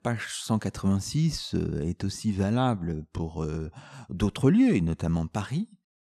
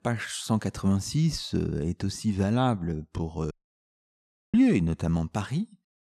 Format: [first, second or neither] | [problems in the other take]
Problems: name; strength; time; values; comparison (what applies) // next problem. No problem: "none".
first | audio cutting out; at 3.5 s for 1 s